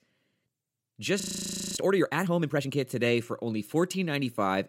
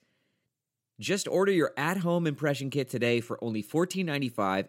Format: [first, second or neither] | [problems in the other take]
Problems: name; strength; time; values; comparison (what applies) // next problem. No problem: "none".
second | audio freezing; at 1 s for 0.5 s